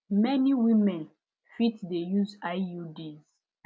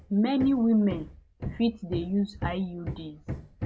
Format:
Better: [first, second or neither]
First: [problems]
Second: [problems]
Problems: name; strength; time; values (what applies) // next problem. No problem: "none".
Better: first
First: none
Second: background sound (Hammer); 10 dB below the speech